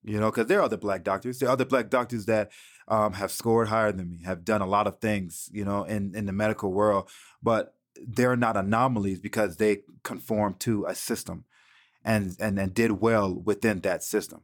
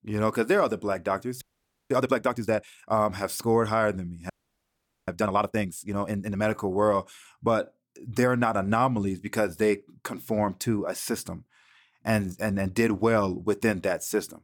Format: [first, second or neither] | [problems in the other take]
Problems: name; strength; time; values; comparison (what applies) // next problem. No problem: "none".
first | audio freezing; at 1.5 s and at 4.5 s for 1 s